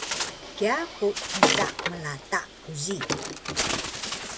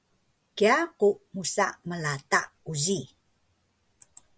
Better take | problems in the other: second | background sound (Bird); 2 dB above the speech

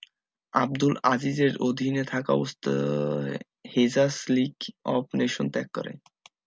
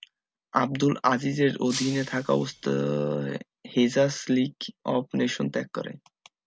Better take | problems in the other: first | background sound (Shatter); 13 dB below the speech

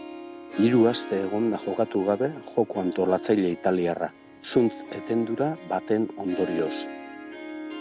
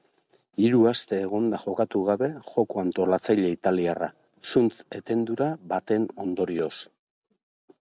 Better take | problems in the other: second | background sound (Harp); 12 dB below the speech

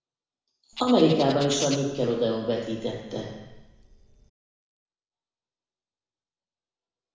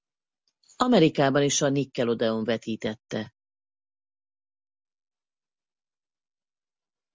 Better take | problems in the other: second | background sound (Bird); 14 dB below the speech // room echo; dies away in 1 s

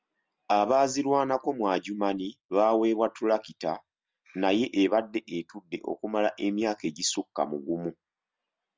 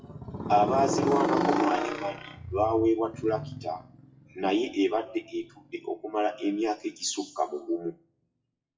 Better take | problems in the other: first | noise reduction (classical method WPE with log-MMSE)

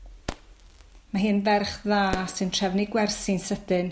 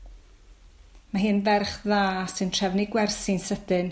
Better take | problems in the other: second | background sound (Fireworks); 15 dB below the speech

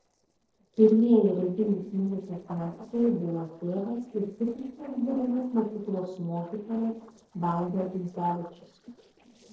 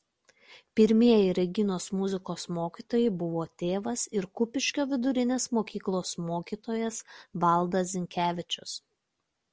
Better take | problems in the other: second | noise reduction (neural separator model SepFormer DNS4)

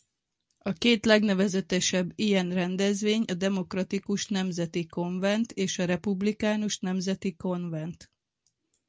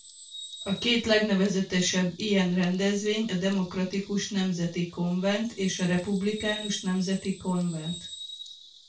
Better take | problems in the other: first | background sound (Bird vocalization, bird call, bird song); 17 dB below the speech // room echo; dies away in 0.3 s

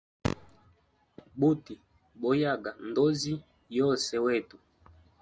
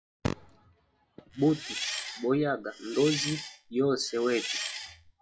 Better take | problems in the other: first | noise reduction (classical method log-MMSE)

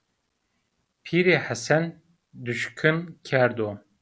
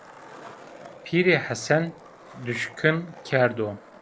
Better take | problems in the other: first | background sound (Skateboard); 20 dB below the speech

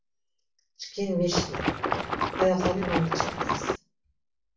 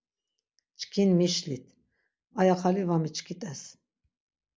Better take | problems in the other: second | background sound (Water / Splash, splatter); 3 dB above the speech // room echo; dies away in 0.3 s

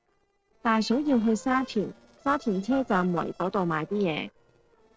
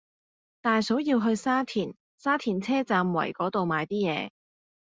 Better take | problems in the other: second | noise reduction (neural separator model SepFormer DNS4)

